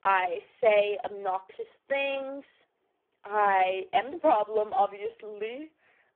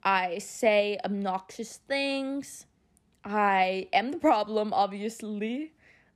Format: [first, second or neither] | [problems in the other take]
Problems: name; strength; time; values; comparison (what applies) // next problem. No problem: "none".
second | phone-call audio; poor line; nothing above 3.5 kHz